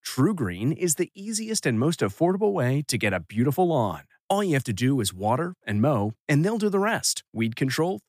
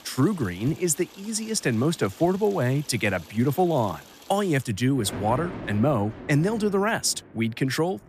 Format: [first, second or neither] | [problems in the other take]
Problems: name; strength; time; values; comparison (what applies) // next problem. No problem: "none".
first | rain or running water; noticeable; throughout; 15 dB below the speech